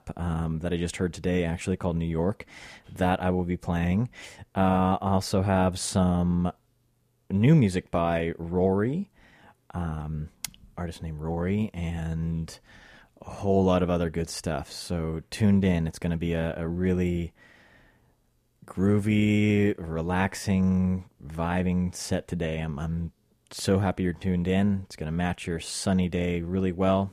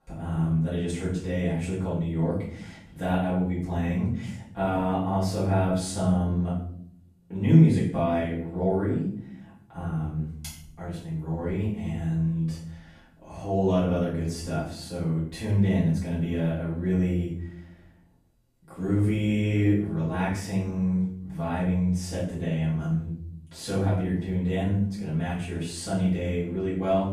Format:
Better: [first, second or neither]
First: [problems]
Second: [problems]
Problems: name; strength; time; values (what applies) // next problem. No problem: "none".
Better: first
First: none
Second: off-mic speech; far // room echo; noticeable; dies away in 0.6 s